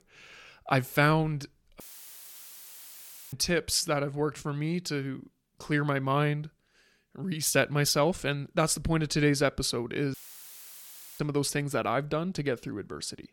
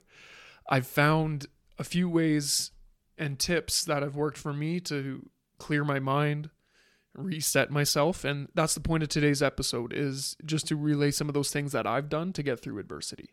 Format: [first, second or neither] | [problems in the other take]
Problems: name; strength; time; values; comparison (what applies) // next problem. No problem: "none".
second | audio cutting out; filled with static; at 2 s for 1.5 s and at 10 s for 1 s